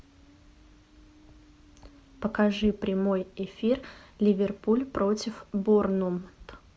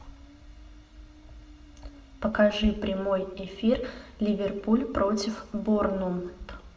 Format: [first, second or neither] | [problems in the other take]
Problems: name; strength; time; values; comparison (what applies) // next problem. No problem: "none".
first | room echo; dies away in 0.6 s